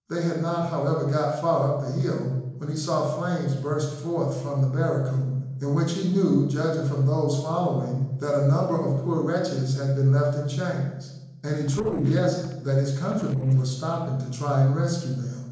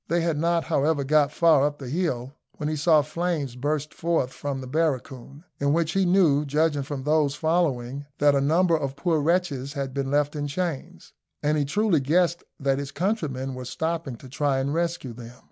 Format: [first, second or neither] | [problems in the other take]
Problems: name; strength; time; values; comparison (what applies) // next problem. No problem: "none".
second | noise reduction (neural separator model SepFormer DNS4)